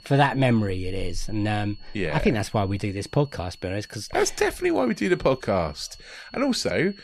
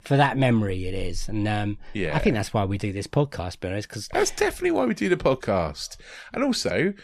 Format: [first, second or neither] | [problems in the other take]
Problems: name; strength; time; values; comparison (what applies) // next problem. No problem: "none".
second | high-pitched whine; faint; throughout; 4.5 kHz, 25 dB below the speech